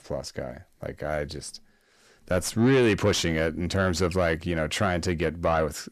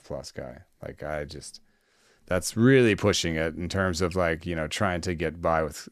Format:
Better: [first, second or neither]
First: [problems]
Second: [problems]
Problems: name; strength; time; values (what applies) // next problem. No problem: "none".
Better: second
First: distortion; slight; 10 dB below the speech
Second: none